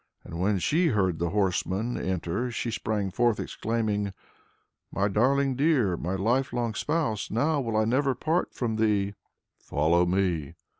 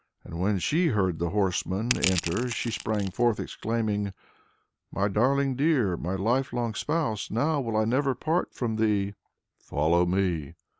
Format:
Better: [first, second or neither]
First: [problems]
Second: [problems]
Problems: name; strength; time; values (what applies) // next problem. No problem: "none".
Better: first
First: none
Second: background sound (Crushing); 7 dB below the speech